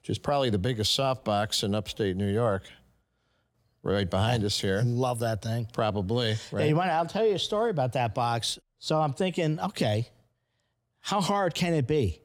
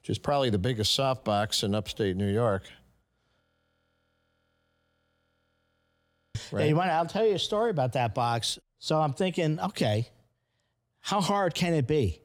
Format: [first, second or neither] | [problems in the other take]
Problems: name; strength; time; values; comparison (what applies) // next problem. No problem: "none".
first | audio freezing; at 3.5 s for 3 s